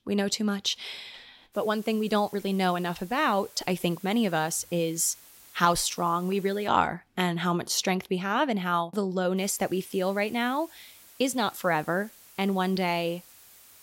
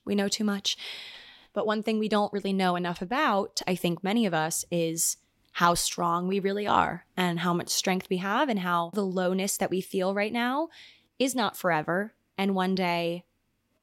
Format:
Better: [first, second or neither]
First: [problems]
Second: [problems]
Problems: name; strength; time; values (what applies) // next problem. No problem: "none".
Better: second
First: hiss; faint; from 1.5 to 6.5 s and from 9.5 s on; 20 dB below the speech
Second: none